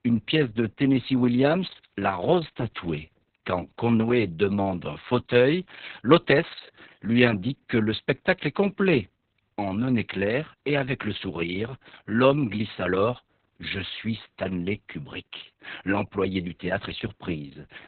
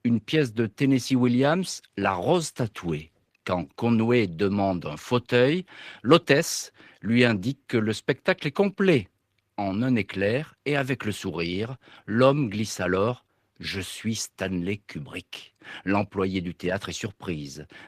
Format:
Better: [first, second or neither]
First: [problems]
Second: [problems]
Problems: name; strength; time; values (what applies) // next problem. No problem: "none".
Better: second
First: garbled, watery; badly; nothing above 4 kHz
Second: garbled, watery; slightly; nothing above 14.5 kHz